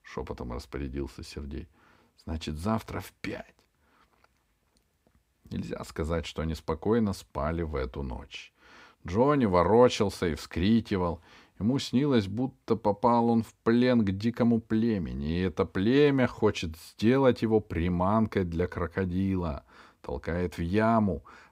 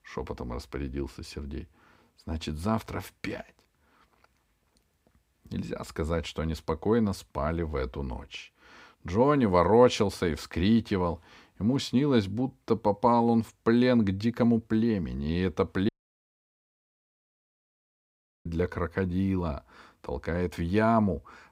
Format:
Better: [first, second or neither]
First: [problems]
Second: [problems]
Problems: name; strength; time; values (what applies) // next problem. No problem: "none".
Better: first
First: none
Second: audio cutting out; at 16 s for 2.5 s